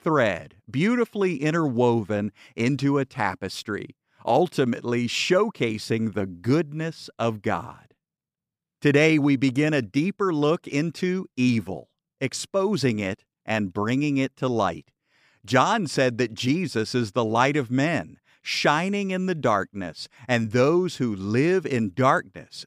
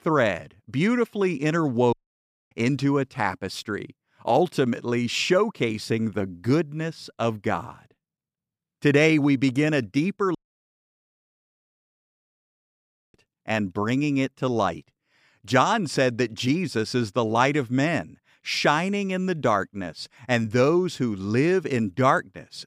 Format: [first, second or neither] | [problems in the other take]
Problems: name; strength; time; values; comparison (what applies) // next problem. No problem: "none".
first | audio cutting out; at 2 s for 0.5 s and at 10 s for 3 s